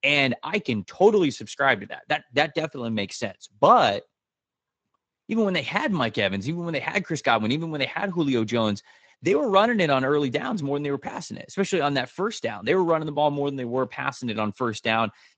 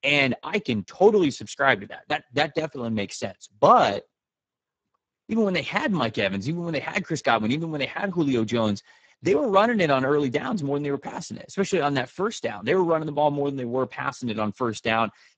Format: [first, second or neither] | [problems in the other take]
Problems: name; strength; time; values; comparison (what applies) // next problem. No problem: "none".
first | garbled, watery; badly; nothing above 7.5 kHz; slightly in the first